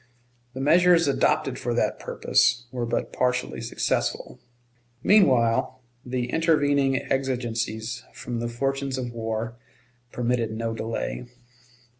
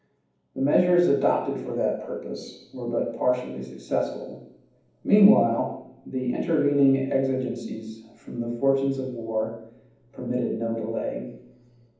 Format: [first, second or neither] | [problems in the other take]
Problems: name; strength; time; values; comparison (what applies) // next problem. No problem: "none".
first | room echo; dies away in 1.2 s